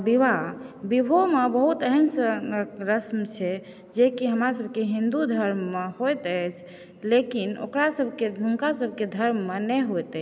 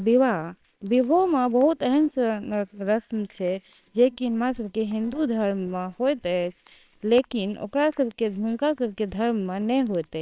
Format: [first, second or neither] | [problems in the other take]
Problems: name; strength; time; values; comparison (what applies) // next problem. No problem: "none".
first | noise reduction (neural separator model SepFormer WHAMR!)